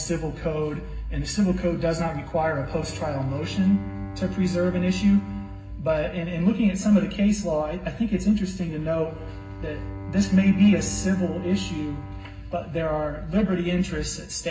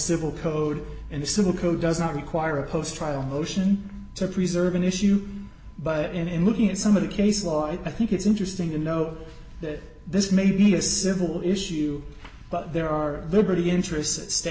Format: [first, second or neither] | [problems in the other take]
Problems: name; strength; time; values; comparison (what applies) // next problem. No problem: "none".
second | background sound (Bowed string instrument); 15 dB below the speech // room echo; dies away in 0.4 s